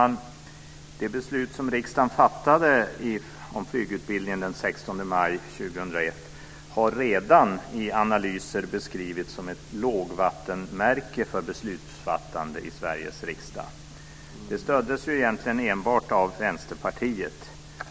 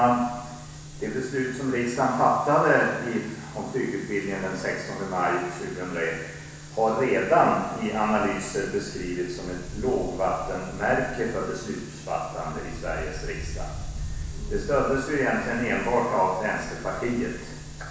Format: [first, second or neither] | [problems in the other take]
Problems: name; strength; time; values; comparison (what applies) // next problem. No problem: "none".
first | background sound (Wind); 14 dB below the speech // room echo; dies away in 1.1 s